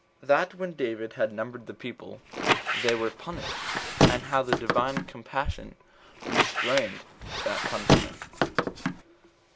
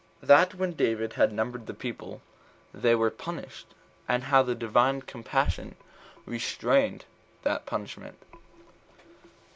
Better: second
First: background sound (Squeak); 4 dB above the speech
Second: none

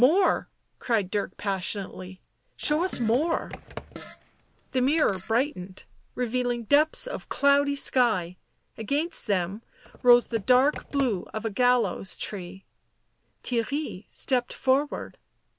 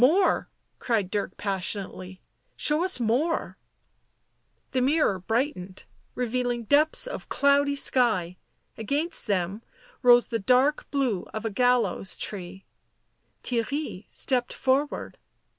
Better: second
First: background sound (Computer keyboard + Fart); 15 dB below the speech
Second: none

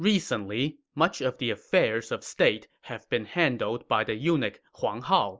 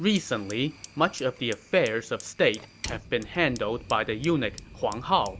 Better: first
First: none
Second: background sound (Fire); 17 dB below the speech

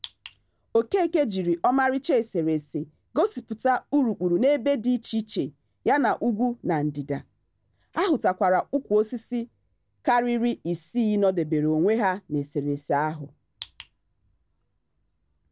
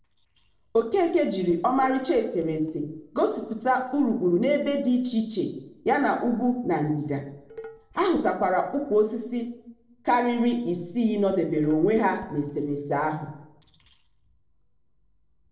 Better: first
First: none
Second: noise reduction (neural separator model SepFormer DNS4)

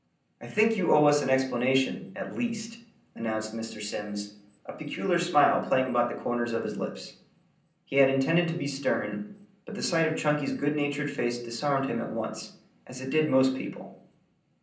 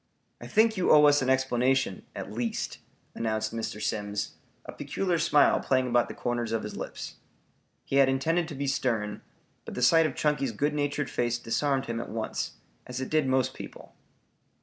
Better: second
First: room echo; dies away in 0.6 s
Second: none

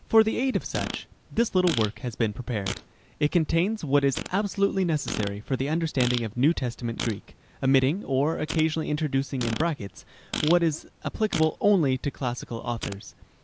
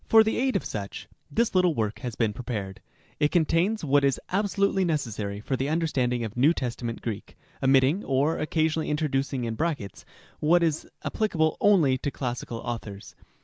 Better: second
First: background sound (Fart); 13 dB below the speech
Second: none

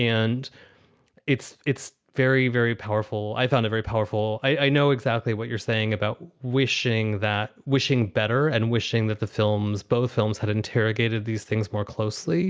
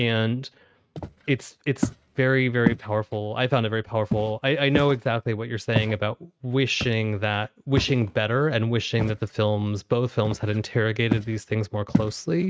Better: first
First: none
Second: noise reduction (neural mask model RNNoise)

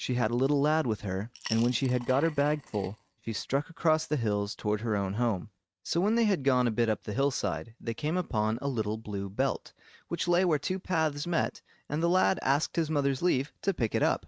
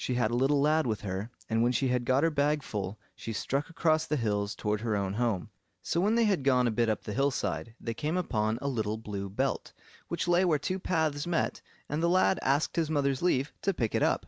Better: second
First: noise reduction (neural mask model RNNoise)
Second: none

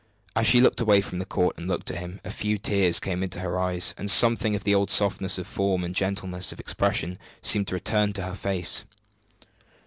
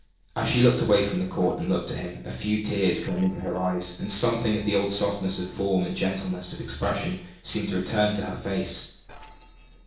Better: first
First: none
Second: noise reduction (neural separator model SepFormer DNS4)

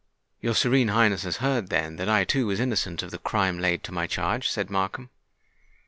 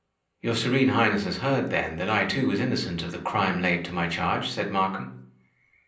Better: first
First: none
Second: room echo; dies away in 0.6 s

